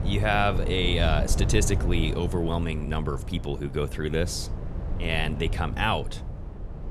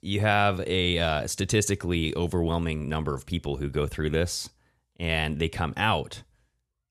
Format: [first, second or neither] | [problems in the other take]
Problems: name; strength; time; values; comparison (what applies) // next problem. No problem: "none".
second | wind noise on the microphone; occasional gusts; 15 dB below the speech